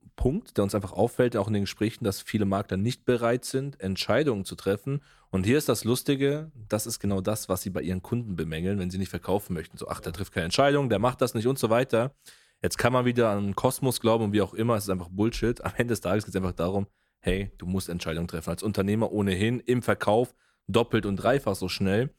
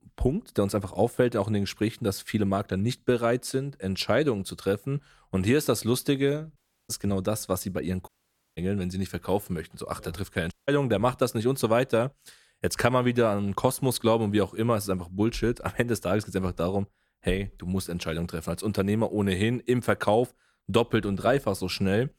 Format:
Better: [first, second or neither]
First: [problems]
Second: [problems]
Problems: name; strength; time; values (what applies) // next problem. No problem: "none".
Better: first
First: none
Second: audio cutting out; at 6.5 s, at 8 s and at 11 s